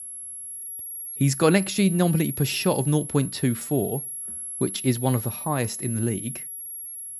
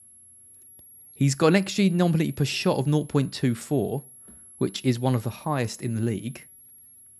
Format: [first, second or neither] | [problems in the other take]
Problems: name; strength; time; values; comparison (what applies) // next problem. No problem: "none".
second | high-pitched whine; loud; throughout; 11.5 kHz, 8 dB below the speech; faint in the second